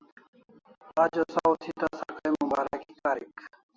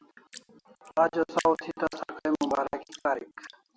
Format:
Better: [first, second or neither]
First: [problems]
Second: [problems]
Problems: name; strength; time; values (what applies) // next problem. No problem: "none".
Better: first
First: none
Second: background sound (Drip); 19 dB below the speech